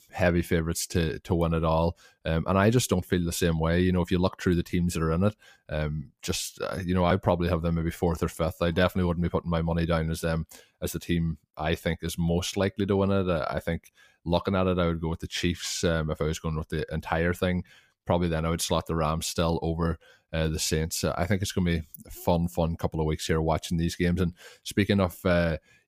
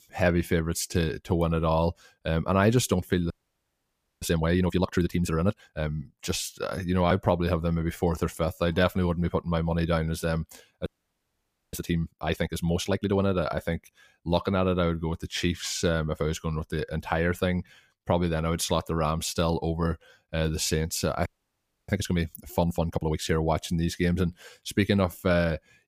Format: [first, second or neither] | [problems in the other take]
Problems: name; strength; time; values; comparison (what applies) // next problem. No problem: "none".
first | audio freezing; at 3.5 s for 1 s, at 11 s for 1 s and at 21 s for 0.5 s